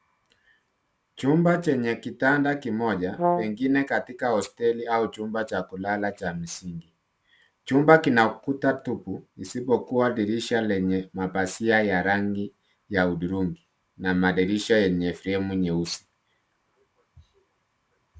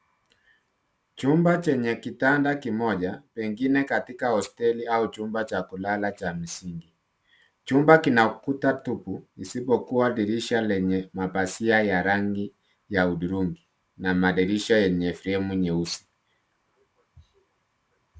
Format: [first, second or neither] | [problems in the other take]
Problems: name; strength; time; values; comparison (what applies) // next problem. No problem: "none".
second | background sound (Brass instrument); 1 dB below the speech